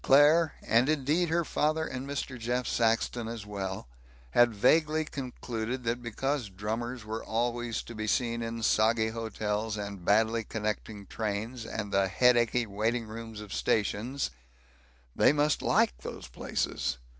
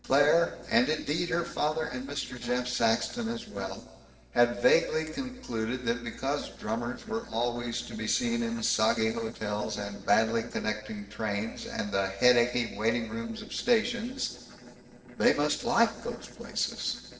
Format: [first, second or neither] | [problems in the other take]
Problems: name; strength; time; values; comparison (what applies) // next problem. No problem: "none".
first | noise reduction (neural separator model SepFormer DNS4)